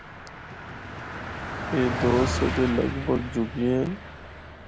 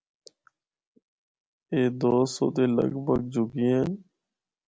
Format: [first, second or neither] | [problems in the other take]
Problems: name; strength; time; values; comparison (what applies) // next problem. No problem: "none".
second | background sound (Car passing by); 5 dB below the speech